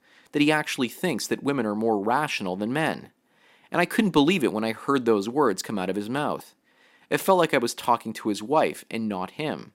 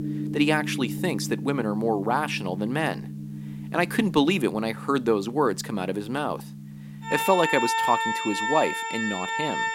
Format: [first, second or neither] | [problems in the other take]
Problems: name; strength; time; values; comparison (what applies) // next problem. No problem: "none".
first | background music; loud; throughout; 5 dB below the speech